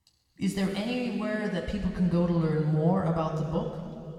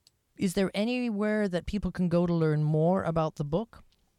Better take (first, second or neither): second